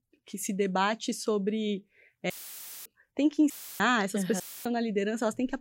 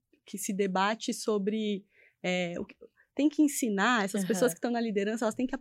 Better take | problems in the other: second | audio cutting out; filled with static; at 2.5 s for 0.5 s, at 3.5 s and at 4.5 s

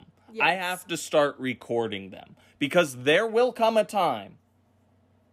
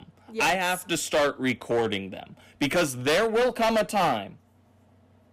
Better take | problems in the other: first | distortion; heavy; 12% of the sound clipped

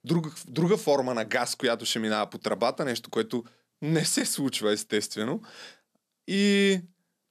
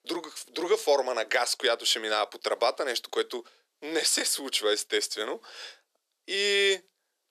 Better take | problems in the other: first | thin; very; fading below 350 Hz

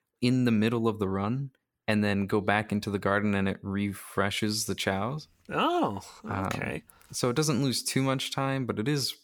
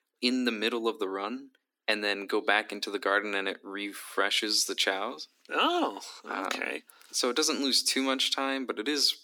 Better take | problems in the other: first | thin; somewhat; fading below 250 Hz

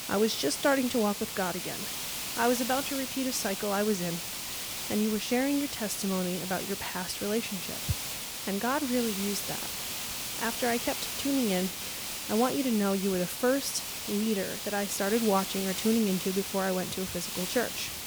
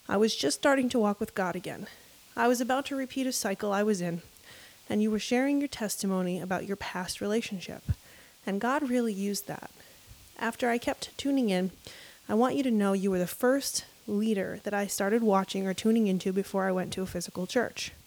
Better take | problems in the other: second | hiss; loud; throughout; 3 dB below the speech; faint in the second

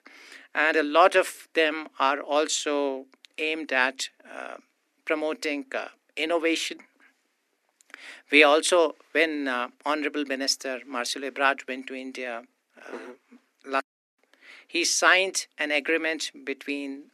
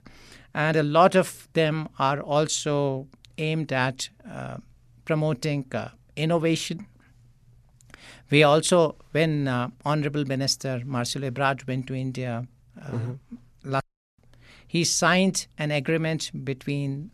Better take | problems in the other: second | thin; somewhat; fading below 250 Hz

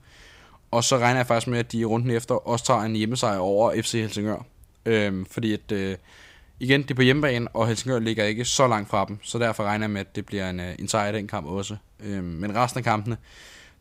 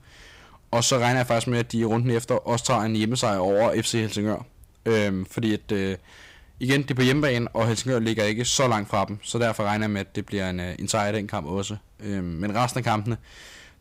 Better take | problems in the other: first | distortion; slight; 4% of the sound clipped

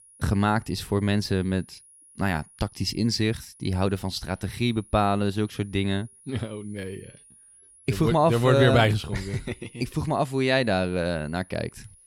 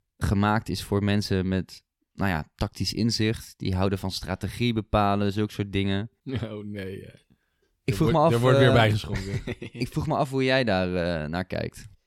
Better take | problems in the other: second | high-pitched whine; faint; throughout; 10.5 kHz, 25 dB below the speech

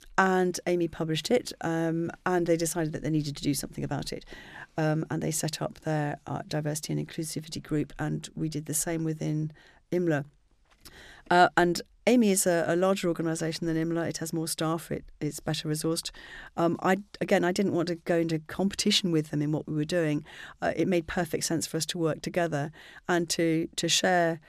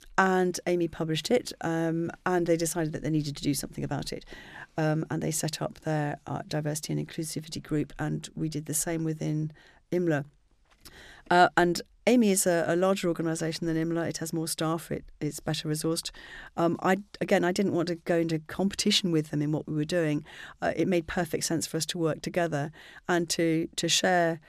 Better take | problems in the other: neither | none

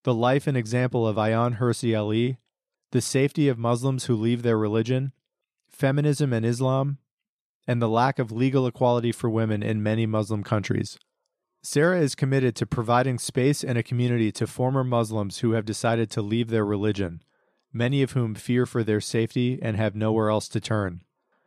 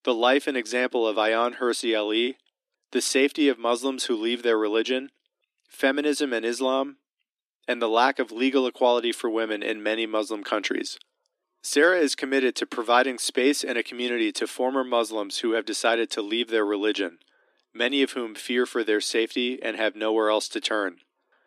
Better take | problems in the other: first | thin; somewhat; fading below 250 Hz

